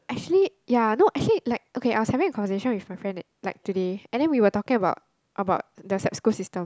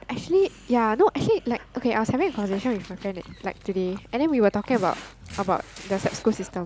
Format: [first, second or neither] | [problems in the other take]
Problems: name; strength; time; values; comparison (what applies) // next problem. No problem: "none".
first | background sound (Dog); 18 dB below the speech